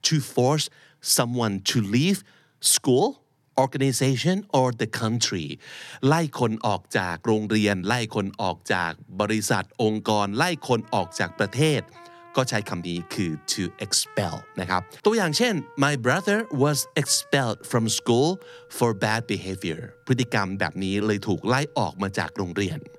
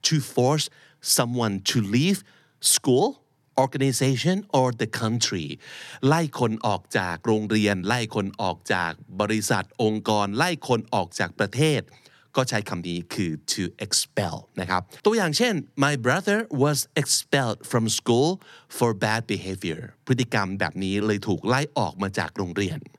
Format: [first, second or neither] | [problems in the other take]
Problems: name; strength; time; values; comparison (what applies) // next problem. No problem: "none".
second | background music; faint; from 10 s on; 25 dB below the speech